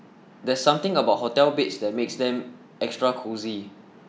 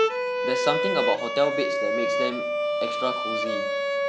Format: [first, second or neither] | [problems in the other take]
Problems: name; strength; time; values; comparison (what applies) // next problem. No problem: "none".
first | background sound (Bowed string instrument); 4 dB above the speech